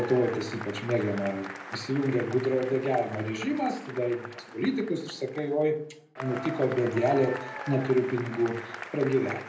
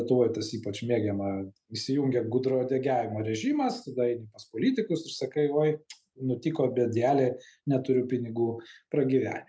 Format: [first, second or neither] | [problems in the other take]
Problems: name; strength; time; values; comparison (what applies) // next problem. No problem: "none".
second | background sound (Applause / Crowd / Cheering); 12 dB below the speech // room echo; dies away in 0.4 s